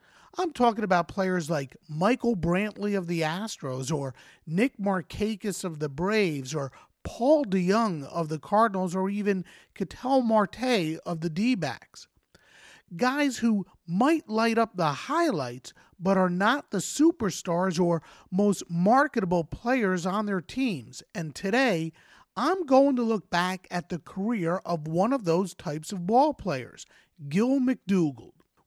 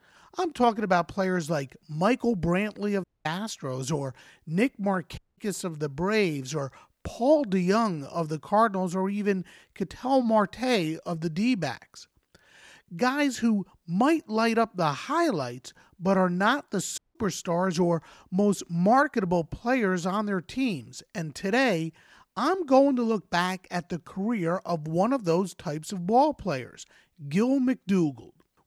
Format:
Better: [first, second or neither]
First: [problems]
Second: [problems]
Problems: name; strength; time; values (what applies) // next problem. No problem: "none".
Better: first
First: none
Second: audio cutting out; at 3 s, at 5 s and at 17 s